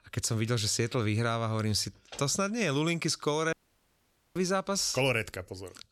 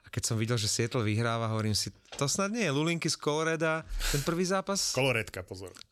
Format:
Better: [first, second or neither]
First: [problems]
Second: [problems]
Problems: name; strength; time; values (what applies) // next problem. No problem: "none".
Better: second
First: audio cutting out; at 3.5 s for 1 s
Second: none